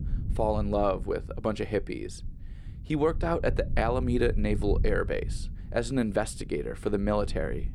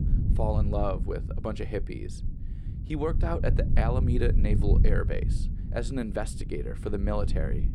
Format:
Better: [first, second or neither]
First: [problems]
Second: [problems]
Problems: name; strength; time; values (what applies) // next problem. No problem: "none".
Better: first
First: low rumble; faint; throughout; 20 dB below the speech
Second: low rumble; loud; throughout; 10 dB below the speech